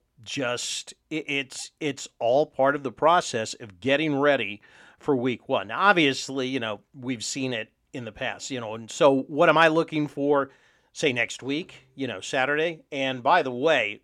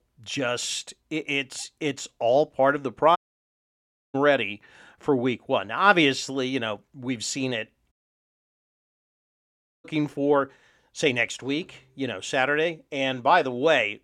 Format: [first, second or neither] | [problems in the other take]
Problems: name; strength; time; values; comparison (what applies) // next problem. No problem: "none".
first | audio cutting out; at 3 s for 1 s and at 8 s for 2 s